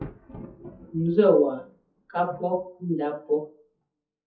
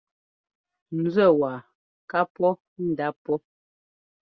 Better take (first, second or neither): second